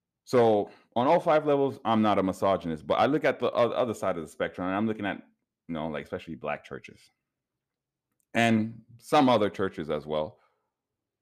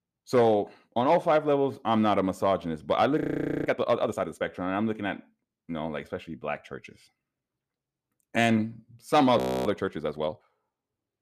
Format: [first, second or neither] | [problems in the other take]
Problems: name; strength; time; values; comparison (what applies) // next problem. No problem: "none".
first | audio freezing; at 3 s and at 9.5 s